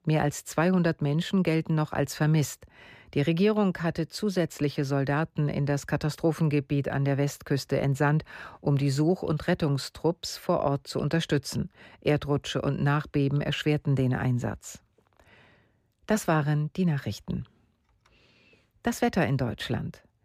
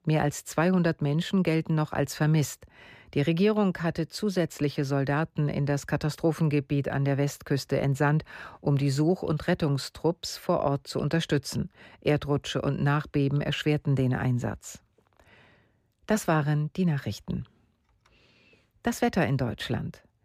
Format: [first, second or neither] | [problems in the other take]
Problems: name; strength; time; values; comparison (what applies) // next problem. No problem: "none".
neither | none